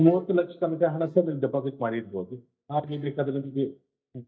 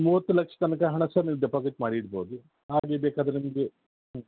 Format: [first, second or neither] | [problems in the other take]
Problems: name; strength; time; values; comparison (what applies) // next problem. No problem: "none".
second | noise reduction (neural mask model DeepFilterNet 3)